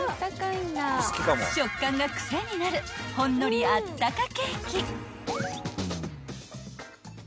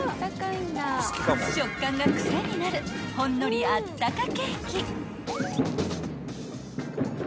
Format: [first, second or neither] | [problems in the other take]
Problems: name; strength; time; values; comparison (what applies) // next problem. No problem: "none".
first | background sound (Fireworks); 3 dB below the speech